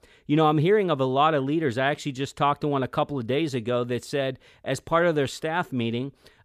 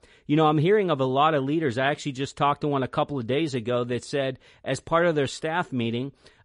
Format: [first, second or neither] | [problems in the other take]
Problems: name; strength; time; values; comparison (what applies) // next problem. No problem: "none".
first | garbled, watery; slightly; nothing above 10.5 kHz